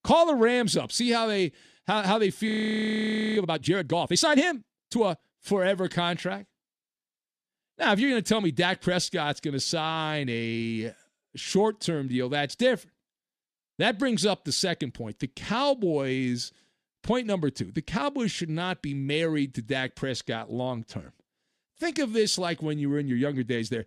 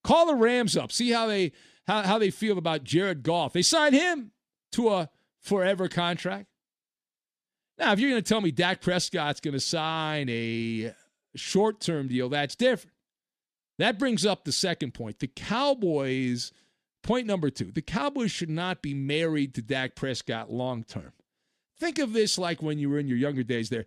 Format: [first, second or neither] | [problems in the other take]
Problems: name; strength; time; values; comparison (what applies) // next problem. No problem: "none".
second | audio freezing; at 2.5 s for 1 s